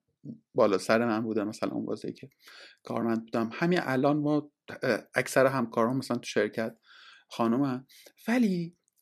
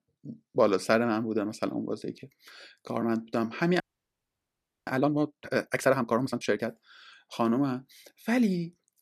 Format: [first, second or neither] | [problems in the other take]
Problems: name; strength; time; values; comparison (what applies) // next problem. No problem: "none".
first | audio freezing; at 4 s for 1 s